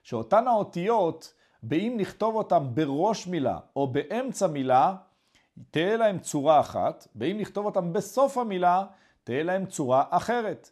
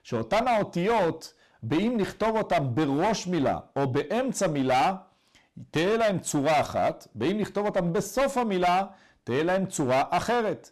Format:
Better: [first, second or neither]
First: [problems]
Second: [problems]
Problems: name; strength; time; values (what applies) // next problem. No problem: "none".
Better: first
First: none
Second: distortion; heavy; 15% of the sound clipped